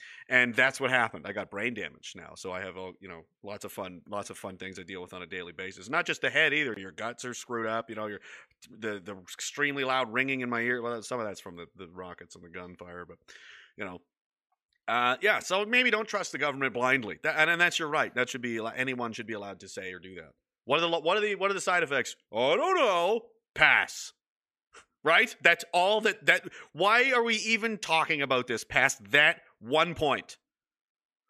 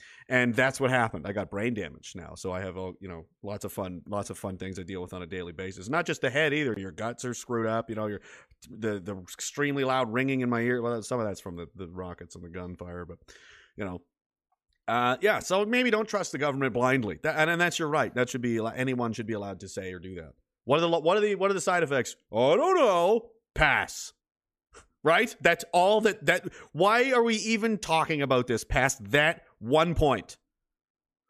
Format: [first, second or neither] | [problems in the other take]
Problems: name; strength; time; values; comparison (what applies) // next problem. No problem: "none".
second | thin; very slightly; fading below 450 Hz